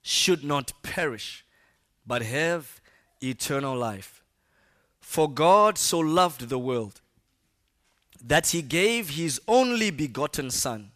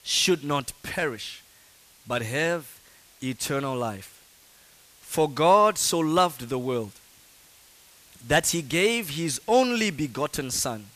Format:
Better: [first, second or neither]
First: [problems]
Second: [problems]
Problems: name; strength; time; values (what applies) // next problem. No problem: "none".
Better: first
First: none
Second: hiss; faint; throughout; 25 dB below the speech